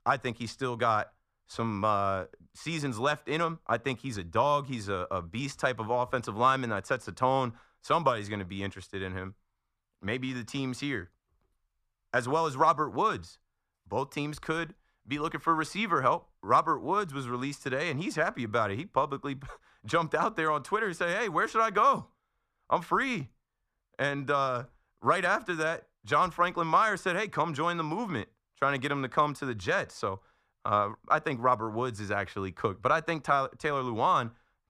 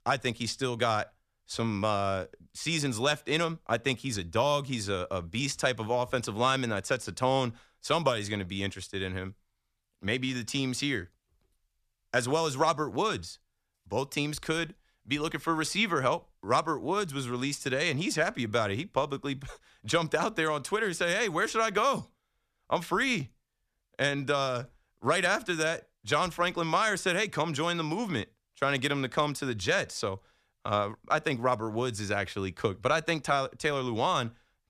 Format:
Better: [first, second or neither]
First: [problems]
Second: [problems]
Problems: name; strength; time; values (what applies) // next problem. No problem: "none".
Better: second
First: muffled; slightly; fading above 2.5 kHz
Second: none